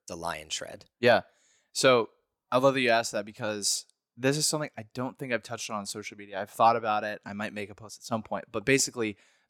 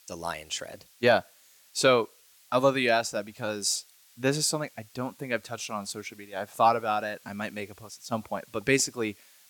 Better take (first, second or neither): first